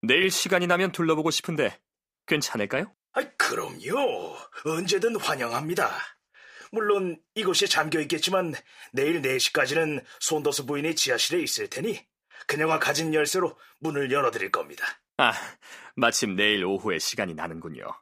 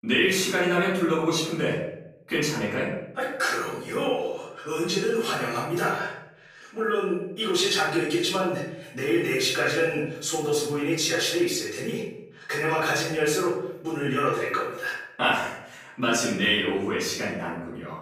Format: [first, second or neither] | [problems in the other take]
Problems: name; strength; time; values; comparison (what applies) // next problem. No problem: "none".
first | off-mic speech; far // room echo; noticeable; dies away in 0.7 s